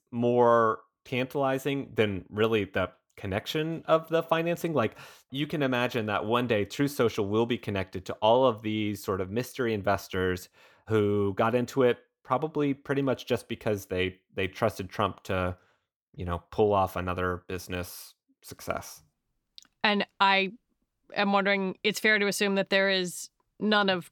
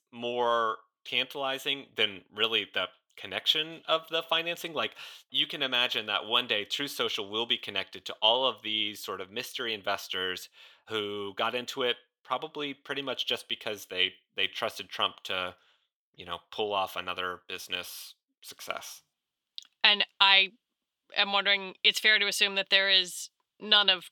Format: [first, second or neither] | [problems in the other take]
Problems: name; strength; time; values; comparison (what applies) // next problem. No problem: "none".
first | thin; somewhat; fading below 950 Hz